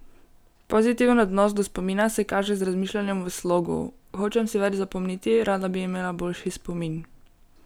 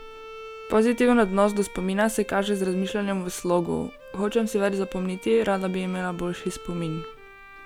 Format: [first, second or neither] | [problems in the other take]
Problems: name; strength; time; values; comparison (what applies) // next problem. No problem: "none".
first | background sound (Bowed string instrument); 17 dB below the speech